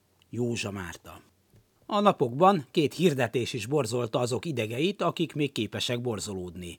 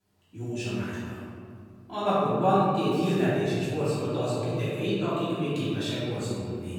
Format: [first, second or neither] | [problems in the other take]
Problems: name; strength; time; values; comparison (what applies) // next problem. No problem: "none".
first | room echo; strong; dies away in 2.3 s // off-mic speech; far